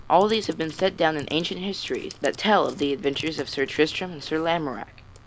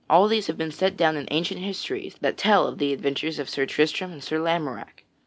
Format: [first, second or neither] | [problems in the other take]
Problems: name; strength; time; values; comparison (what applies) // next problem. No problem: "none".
second | background sound (Computer keyboard); 20 dB below the speech